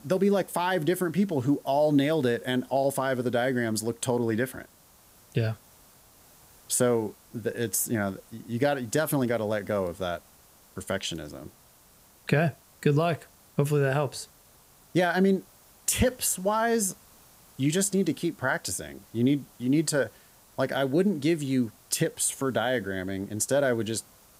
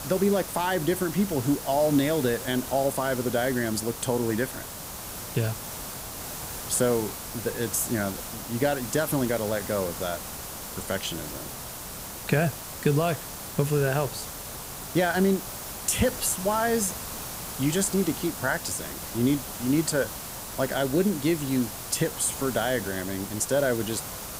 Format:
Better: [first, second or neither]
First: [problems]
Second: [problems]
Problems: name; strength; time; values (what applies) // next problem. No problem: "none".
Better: first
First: hiss; faint; throughout; 25 dB below the speech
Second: hiss; loud; throughout; 8 dB below the speech